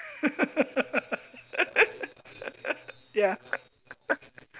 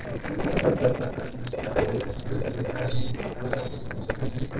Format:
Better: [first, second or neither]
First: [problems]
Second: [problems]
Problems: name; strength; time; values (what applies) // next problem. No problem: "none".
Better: first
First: none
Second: noise reduction (neural separator model SepFormer DNS4)